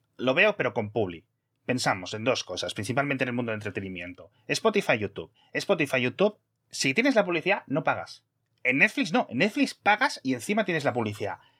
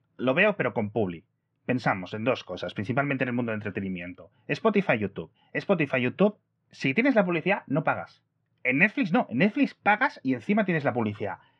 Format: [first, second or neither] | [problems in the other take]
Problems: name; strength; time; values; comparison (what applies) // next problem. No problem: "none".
first | muffled; slightly; fading above 2 kHz